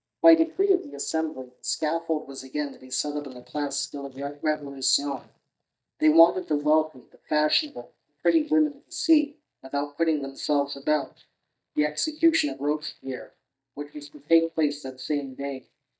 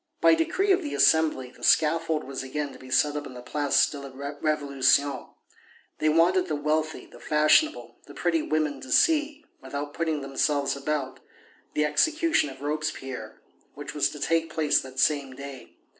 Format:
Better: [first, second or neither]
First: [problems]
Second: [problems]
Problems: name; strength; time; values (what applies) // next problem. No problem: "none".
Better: second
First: noise reduction (neural mask model DeepFilterNet 3)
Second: none